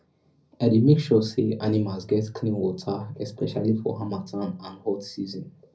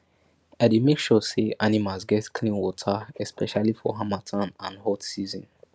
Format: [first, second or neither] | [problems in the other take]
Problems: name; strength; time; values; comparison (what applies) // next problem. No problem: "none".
second | room echo; dies away in 0.4 s